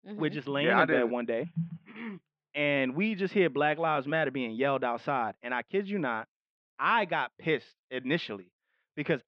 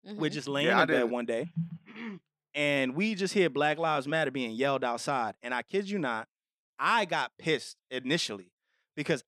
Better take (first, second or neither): second